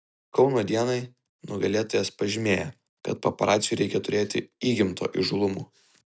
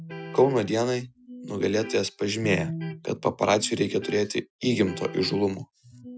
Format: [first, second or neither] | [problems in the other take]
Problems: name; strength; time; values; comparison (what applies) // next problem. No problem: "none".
first | noise reduction (classical method Wiener filter)